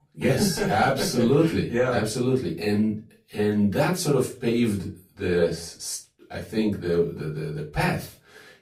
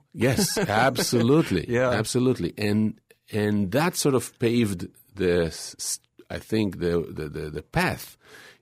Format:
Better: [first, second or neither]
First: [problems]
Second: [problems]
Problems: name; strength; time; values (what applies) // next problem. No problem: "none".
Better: second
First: off-mic speech; far // room echo; slight; dies away in 0.3 s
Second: none